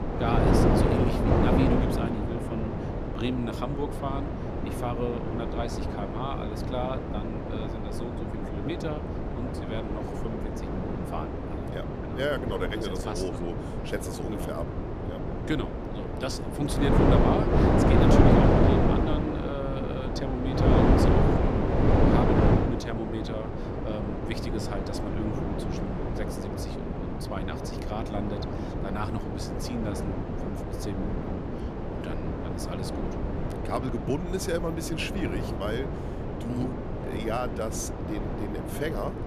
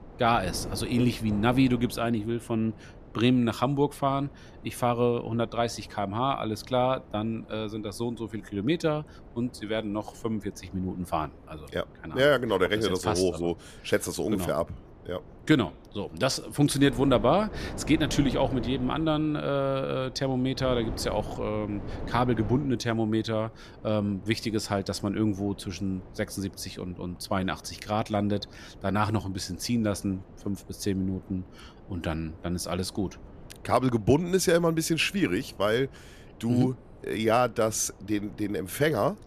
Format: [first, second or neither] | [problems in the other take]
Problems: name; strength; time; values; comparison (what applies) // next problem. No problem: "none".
second | wind noise on the microphone; heavy; 4 dB above the speech; occasional gusts in the second